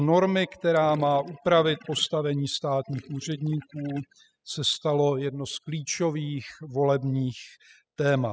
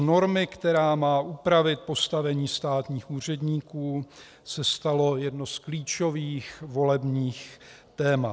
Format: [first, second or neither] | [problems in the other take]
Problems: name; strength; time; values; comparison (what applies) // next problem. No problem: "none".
second | noise reduction (classical method spectral subtraction)